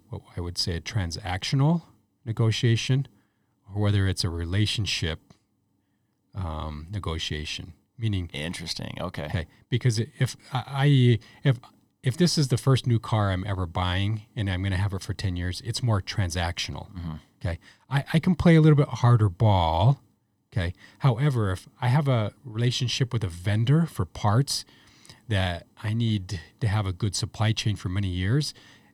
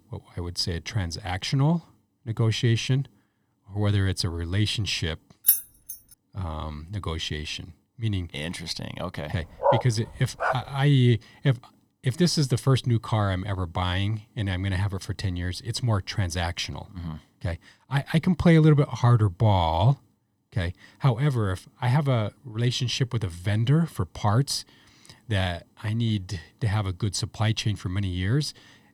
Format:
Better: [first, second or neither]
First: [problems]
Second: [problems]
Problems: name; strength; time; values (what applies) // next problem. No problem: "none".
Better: first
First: none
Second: jangling keys; loud; at 5.5 s; peak 5 dB above the speech // dog barking; loud; at 9.5 s; peak 2 dB above the speech